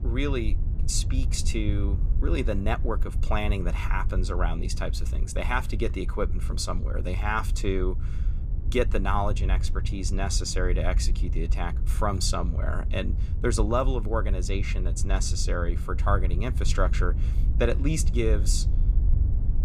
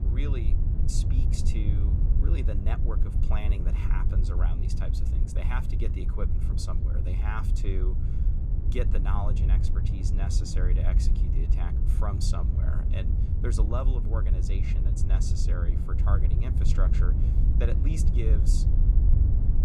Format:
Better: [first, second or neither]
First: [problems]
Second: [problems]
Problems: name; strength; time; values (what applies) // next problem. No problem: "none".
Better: first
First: wind noise on the microphone; occasional gusts; 15 dB below the speech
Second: wind noise on the microphone; heavy; 3 dB below the speech